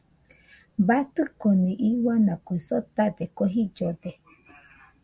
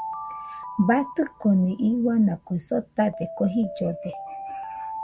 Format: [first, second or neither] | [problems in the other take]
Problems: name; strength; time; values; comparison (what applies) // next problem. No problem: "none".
first | background sound (Alarm); 12 dB below the speech